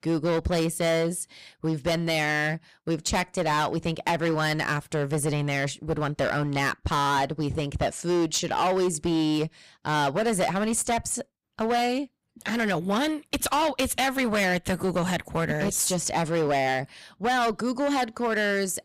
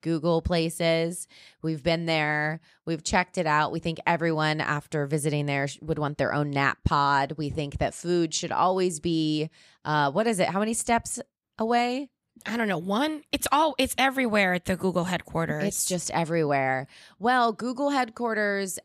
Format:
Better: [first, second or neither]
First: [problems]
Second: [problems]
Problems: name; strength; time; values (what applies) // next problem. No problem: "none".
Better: second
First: distortion; heavy; 15% of the sound clipped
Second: none